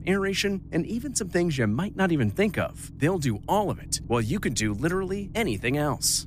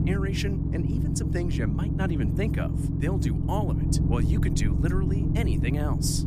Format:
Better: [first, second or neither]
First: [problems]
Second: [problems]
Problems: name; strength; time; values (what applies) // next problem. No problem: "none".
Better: first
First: low rumble; faint; throughout; 25 dB below the speech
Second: low rumble; loud; throughout; 1 dB below the speech